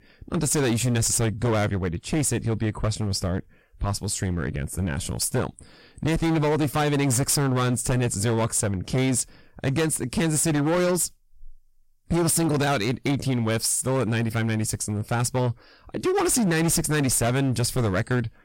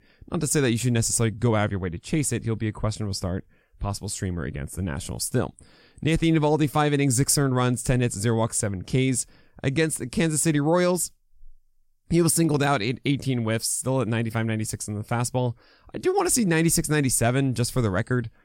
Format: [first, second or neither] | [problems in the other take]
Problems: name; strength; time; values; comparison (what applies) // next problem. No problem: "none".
second | distortion; heavy; 18% of the sound clipped